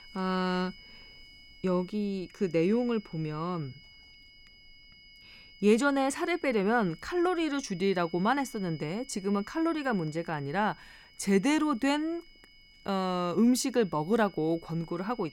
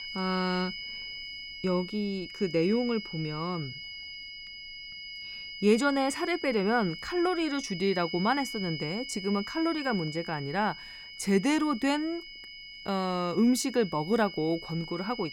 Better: first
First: high-pitched whine; faint; throughout; 2 kHz, 25 dB below the speech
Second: high-pitched whine; loud; throughout; 2 kHz, 10 dB below the speech

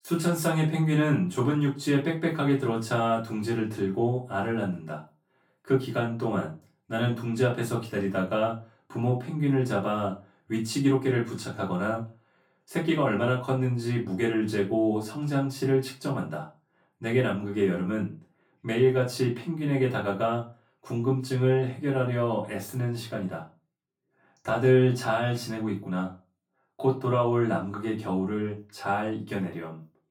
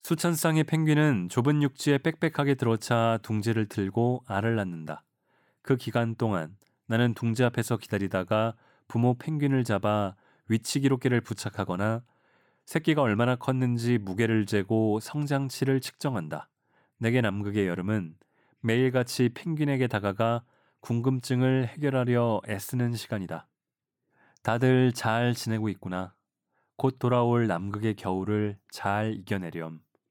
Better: second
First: off-mic speech; far // room echo; slight; dies away in 0.2 s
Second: none

